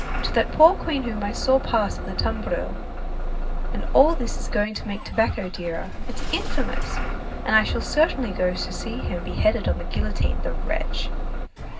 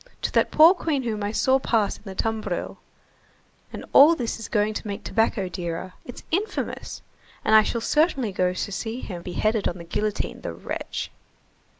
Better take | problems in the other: second | background sound (Engine starting / Bus); 1 dB below the speech // room echo; dies away in 0.4 s

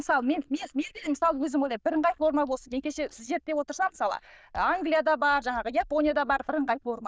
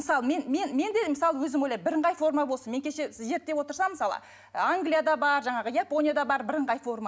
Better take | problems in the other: second | noise reduction (neural diffusion model UNIVERSE++)

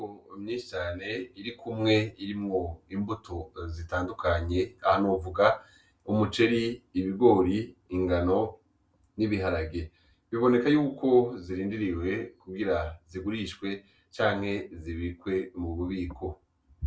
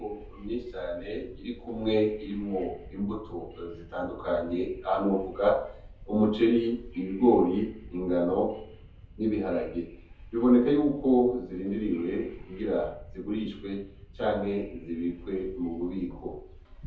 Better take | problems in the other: first | background sound (Subway, metro, underground / Wind); 18 dB below the speech // room echo; dies away in 0.5 s

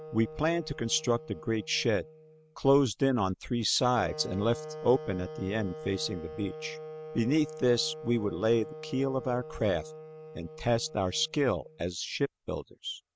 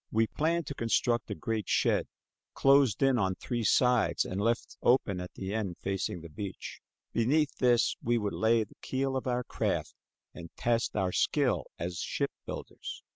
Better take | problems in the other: second | background sound (Wind instrument, woodwind instrument); 14 dB below the speech

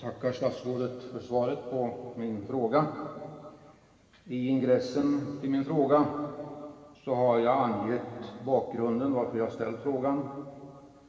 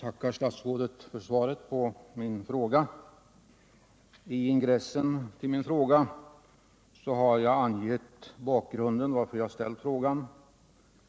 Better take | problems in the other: second | room echo; dies away in 2.4 s

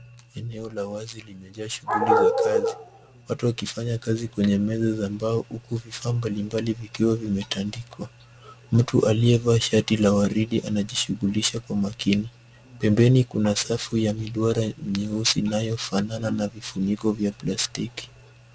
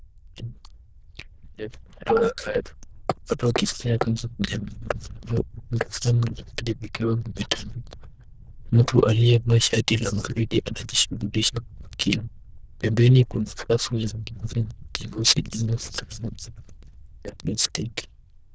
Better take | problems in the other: first | noise reduction (neural diffusion model UNIVERSE++)

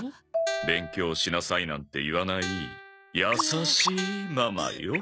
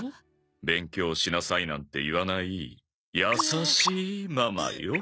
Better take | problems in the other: second | background sound (Guitar + Marimba, xylophone); 8 dB below the speech

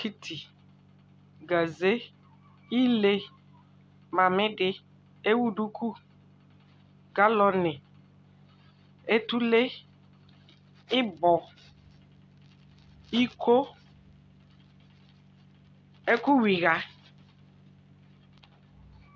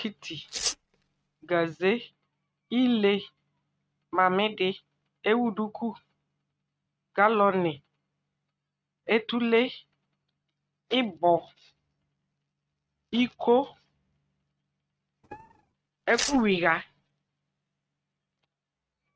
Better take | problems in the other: first | noise reduction (neural mask model RNNoise)

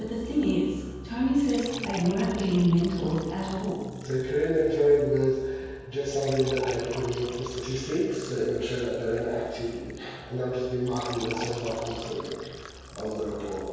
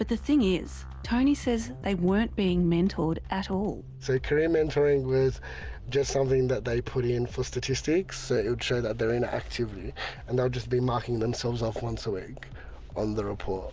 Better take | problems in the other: second | background sound (Fill (with liquid) / Trickle, dribble); 16 dB below the speech // room echo; dies away in 1.2 s

